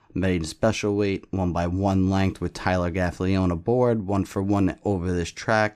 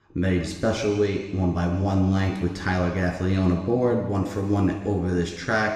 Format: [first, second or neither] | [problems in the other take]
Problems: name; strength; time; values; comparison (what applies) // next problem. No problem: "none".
first | room echo; noticeable; dies away in 1.3 s // off-mic speech; somewhat distant